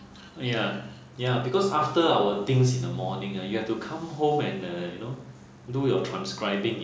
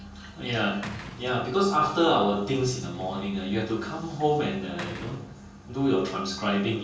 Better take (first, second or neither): first